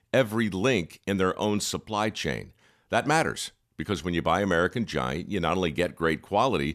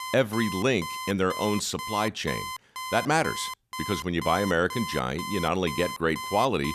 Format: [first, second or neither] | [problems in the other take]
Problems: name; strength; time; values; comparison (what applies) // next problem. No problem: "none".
first | alarm; noticeable; peak 7 dB below the speech